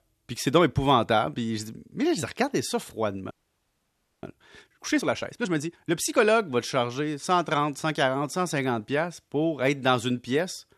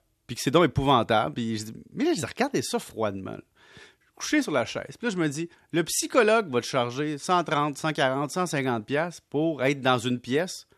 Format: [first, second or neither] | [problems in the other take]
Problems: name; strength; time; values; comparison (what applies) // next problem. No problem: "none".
second | audio freezing; at 3.5 s for 1 s